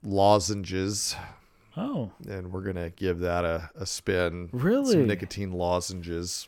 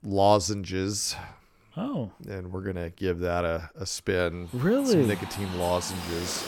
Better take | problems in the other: first | animal sounds; noticeable; from 4.5 s on; 10 dB below the speech

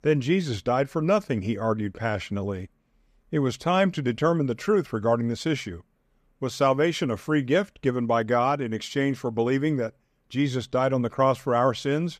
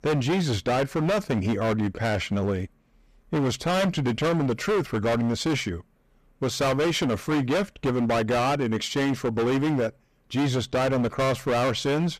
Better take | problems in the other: first | distortion; heavy; 24% of the sound clipped

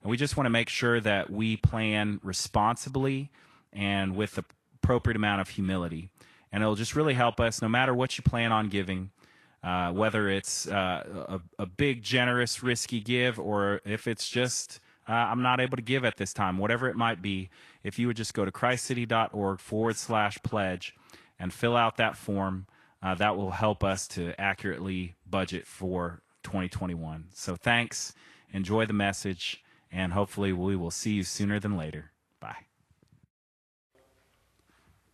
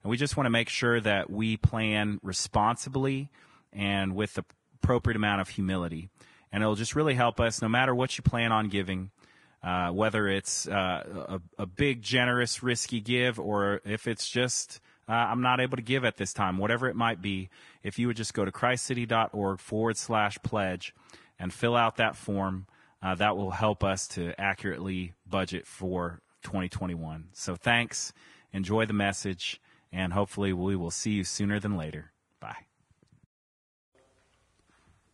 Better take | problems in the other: first | garbled, watery; badly; nothing above 10 kHz; slightly in the first

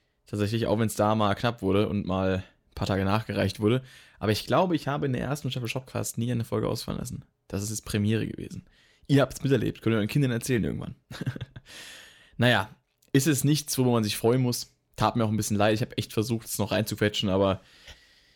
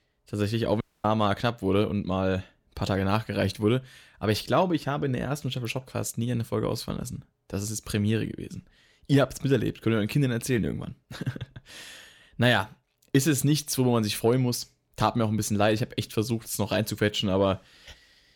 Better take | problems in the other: first | audio cutting out; at 1 s

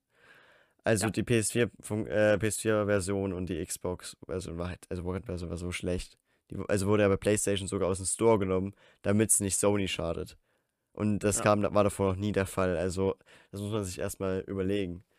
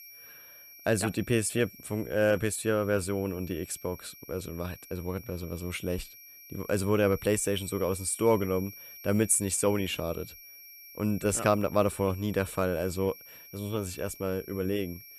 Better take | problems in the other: first | high-pitched whine; noticeable; throughout; 11.5 kHz, 15 dB below the speech

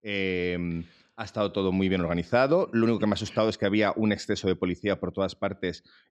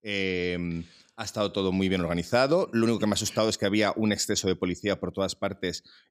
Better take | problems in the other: second | muffled; slightly; fading above 3 kHz

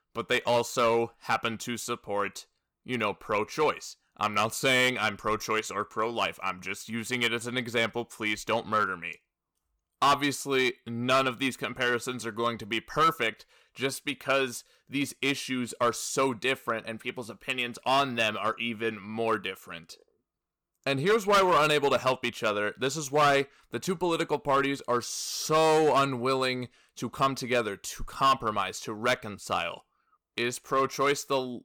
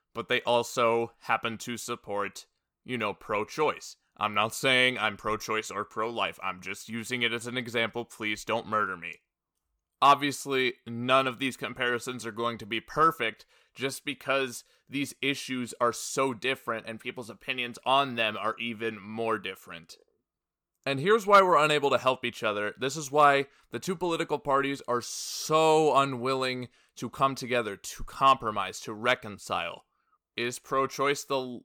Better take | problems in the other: second | distortion; slight; 3% of the sound clipped

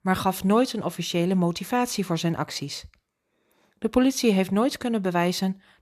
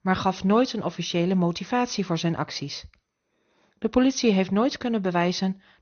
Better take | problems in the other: first | garbled, watery; slightly; nothing above 6.5 kHz

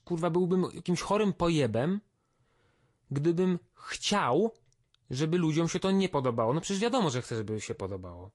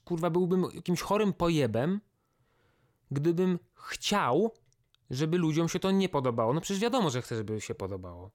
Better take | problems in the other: second | garbled, watery; slightly; nothing above 11.5 kHz

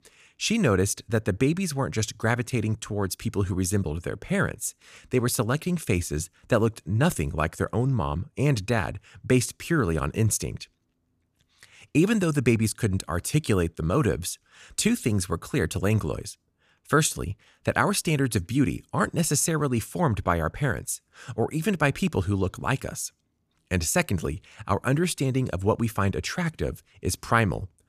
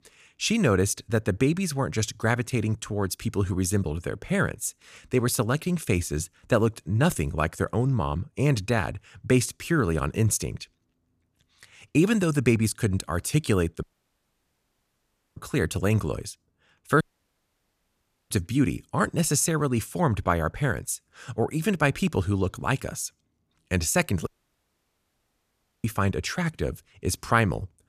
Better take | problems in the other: first | audio cutting out; at 14 s for 1.5 s, at 17 s for 1.5 s and at 24 s for 1.5 s

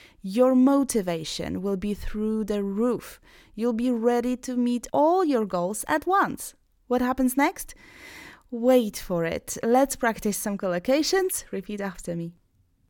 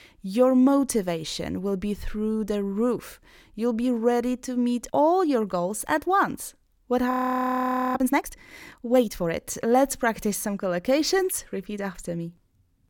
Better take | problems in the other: first | audio freezing; at 7 s for 1 s

